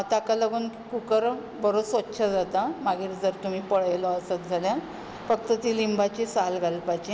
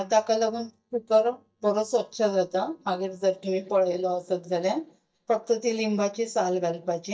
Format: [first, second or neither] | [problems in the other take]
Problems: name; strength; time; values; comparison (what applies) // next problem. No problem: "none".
first | noise reduction (neural mask model DeepFilterNet 3)